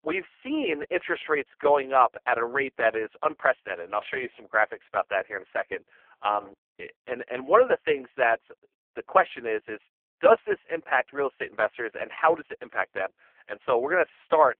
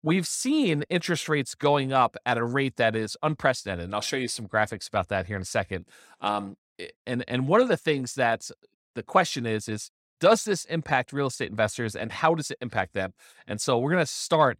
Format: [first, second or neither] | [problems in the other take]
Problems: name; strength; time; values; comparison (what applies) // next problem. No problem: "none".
second | phone-call audio; poor line